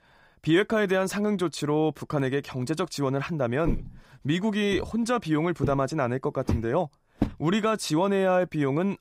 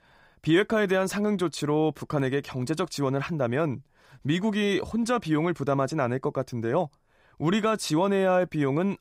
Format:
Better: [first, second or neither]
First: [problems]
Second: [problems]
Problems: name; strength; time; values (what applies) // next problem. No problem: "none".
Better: second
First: footsteps; noticeable; from 3.5 to 7.5 s; peak 5 dB below the speech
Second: none